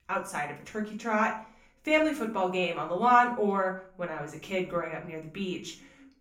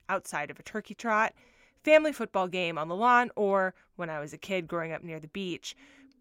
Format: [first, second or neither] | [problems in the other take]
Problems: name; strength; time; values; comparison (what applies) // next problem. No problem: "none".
second | room echo; slight; dies away in 0.4 s // off-mic speech; far